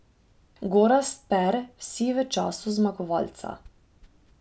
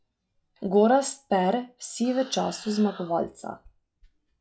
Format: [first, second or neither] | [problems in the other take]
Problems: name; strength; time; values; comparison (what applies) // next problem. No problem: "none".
first | noise reduction (classical method log-MMSE)